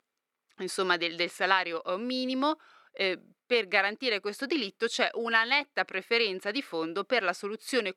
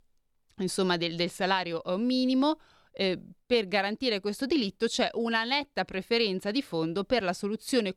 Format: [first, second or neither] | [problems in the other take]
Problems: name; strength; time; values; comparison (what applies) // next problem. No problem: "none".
second | thin; somewhat; fading below 350 Hz